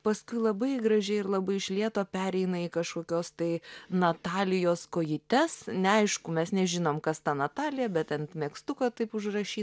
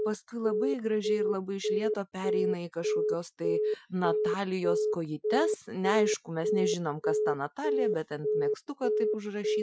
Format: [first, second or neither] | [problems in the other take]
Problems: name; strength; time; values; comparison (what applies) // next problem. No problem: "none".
first | noise reduction (classical method Wiener filter)